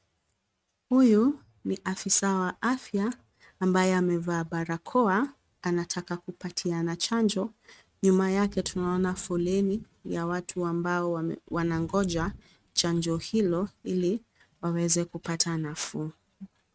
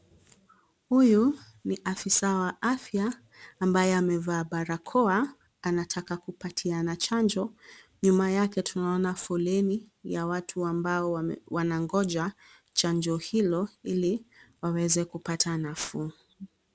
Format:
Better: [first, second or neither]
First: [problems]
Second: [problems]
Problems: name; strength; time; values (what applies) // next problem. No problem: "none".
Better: second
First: noise reduction (neural mask model RNNoise)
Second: none